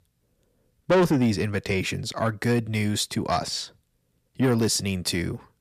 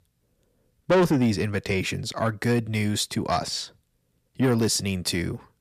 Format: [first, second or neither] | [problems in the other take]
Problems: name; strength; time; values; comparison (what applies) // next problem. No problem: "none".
neither | distortion; heavy; 6 dB below the speech; the same in both